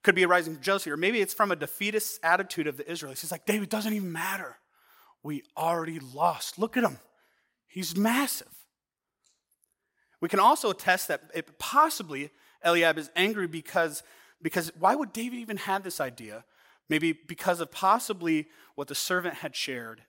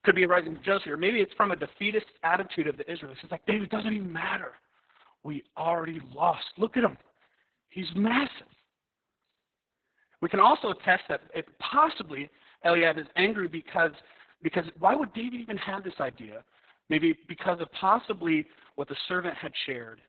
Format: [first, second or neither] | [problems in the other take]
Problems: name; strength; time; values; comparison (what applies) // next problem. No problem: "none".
first | garbled, watery; badly; nothing above 4 kHz